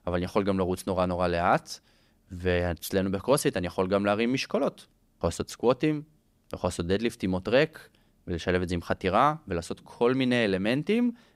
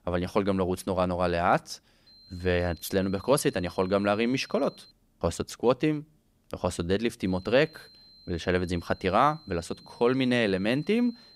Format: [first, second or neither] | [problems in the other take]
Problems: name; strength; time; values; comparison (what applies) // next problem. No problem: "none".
first | high-pitched whine; faint; from 2 to 5 s and from 7.5 s on; 4 kHz, 25 dB below the speech